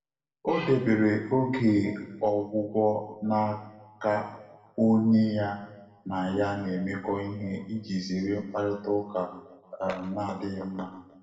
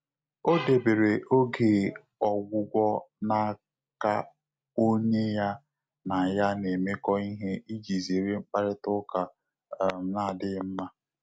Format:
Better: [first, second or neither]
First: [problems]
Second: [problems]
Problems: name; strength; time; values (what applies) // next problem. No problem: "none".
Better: second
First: room echo; dies away in 0.9 s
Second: none